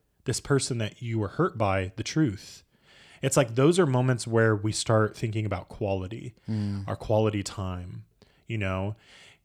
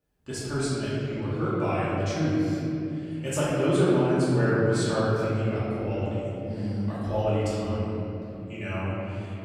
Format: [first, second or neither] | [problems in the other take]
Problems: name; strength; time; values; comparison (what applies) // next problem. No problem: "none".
first | off-mic speech; far // room echo; strong; dies away in 3 s